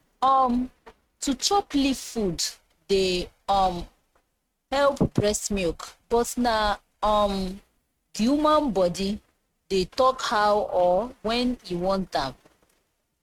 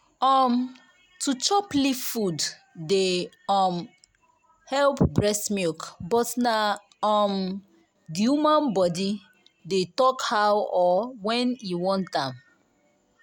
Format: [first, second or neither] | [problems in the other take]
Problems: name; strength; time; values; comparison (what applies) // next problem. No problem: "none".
second | noise reduction (neural mask model RNNoise)